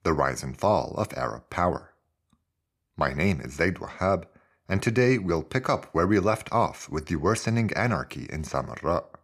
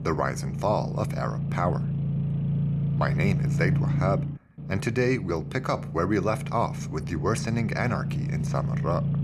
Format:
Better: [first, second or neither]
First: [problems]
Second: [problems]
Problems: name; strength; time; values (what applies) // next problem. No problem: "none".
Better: first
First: none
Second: low rumble; loud; throughout; 10 dB below the speech